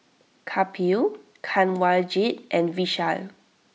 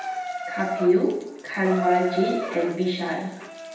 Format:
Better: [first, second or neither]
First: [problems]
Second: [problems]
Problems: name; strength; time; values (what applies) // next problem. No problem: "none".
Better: first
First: none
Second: background sound (Bathtub (filling or washing) / Water tap, faucet); 8 dB below the speech // room echo; dies away in 0.9 s